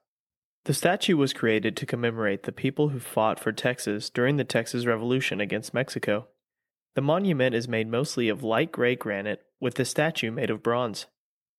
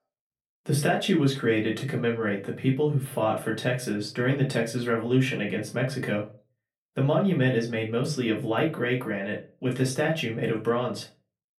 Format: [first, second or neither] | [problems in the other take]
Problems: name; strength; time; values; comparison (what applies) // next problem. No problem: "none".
first | off-mic speech; far // room echo; very slight; dies away in 0.2 s